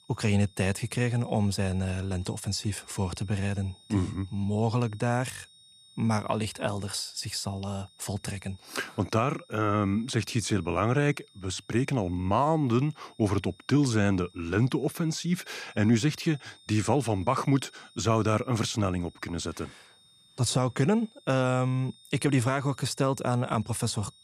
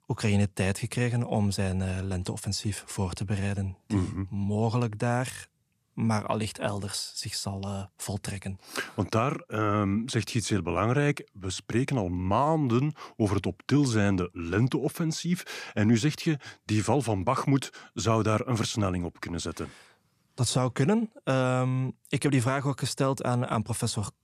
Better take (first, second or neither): second